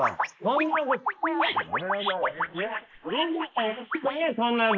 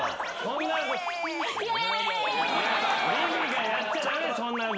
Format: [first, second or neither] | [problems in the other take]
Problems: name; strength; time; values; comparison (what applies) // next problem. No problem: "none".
second | noise reduction (neural mask model Resemble Enhance denoiser)